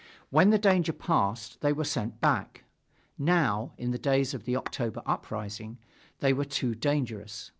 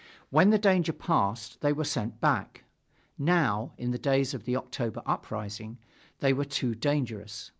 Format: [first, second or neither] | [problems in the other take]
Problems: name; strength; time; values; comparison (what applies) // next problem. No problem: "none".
second | background sound (Tap / Glass); 19 dB below the speech